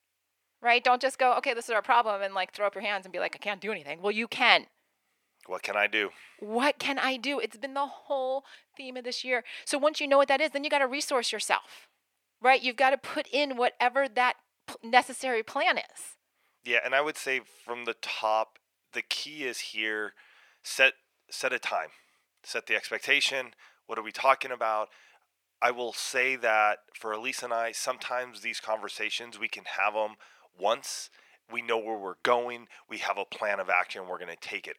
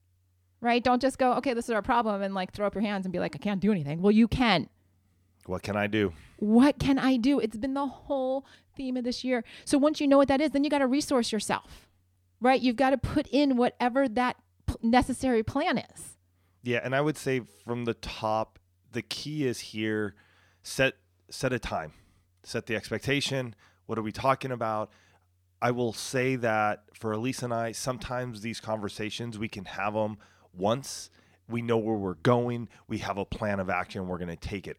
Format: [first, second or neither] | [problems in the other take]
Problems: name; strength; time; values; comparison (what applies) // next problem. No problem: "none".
second | thin; very; fading below 650 Hz